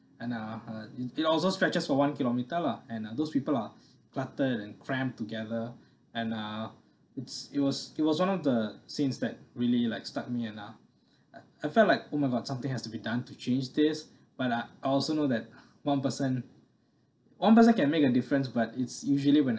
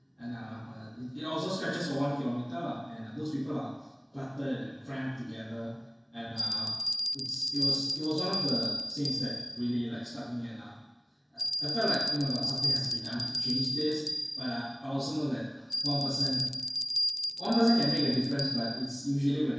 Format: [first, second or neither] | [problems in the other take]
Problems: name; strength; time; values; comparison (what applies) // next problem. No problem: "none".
first | background sound (Bell); as loud as the speech // room echo; dies away in 1.1 s